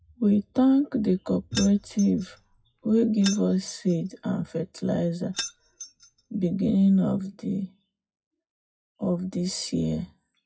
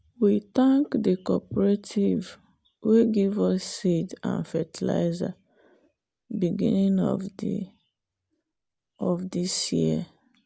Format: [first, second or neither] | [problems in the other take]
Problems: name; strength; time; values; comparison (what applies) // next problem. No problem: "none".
second | noise reduction (classical method WPE with log-MMSE)